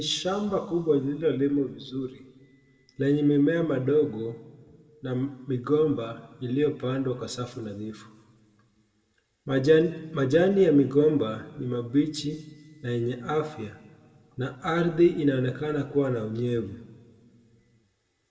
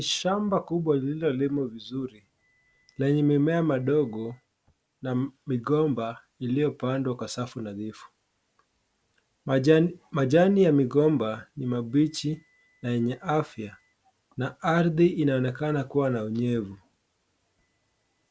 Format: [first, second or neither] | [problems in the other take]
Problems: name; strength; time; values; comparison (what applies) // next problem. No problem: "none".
second | room echo; dies away in 1.4 s